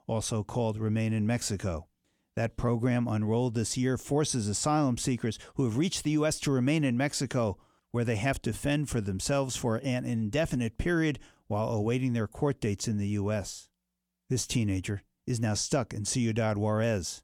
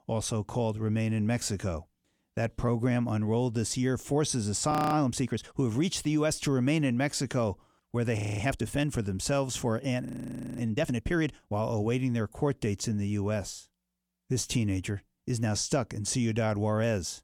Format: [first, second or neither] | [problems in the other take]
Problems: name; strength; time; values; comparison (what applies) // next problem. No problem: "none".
first | audio freezing; at 4.5 s, at 8 s and at 10 s for 0.5 s